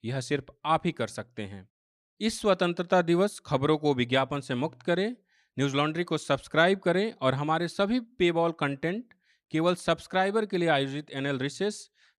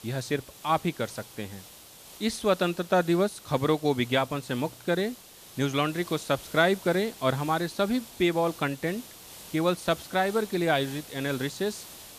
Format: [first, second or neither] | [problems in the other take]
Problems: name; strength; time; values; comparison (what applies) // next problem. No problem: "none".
first | hiss; noticeable; throughout; 15 dB below the speech